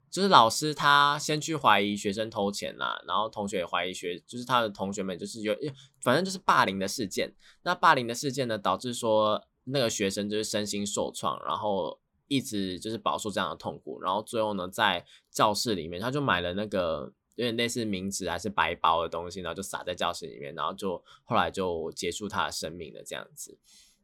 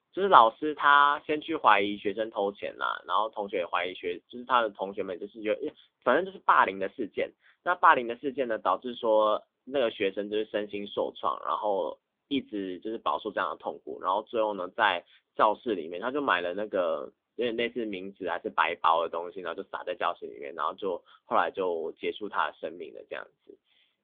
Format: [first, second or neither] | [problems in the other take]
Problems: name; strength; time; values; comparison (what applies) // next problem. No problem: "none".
first | phone-call audio; nothing above 3.5 kHz